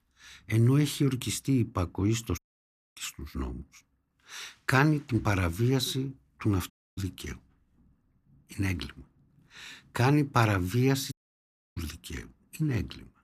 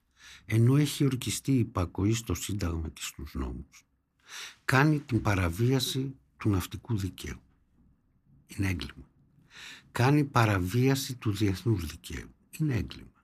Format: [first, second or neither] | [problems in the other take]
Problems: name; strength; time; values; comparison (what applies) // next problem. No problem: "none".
second | audio cutting out; at 2.5 s for 0.5 s, at 6.5 s and at 11 s for 0.5 s